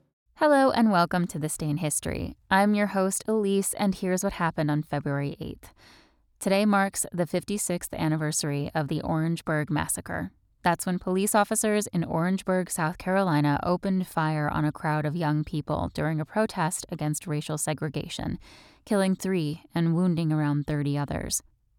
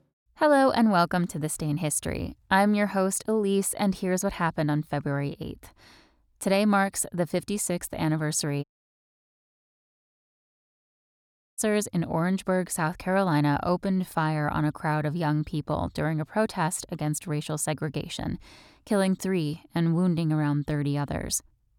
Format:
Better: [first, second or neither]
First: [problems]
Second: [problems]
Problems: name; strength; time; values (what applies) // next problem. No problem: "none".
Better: first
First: none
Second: audio cutting out; at 8.5 s for 3 s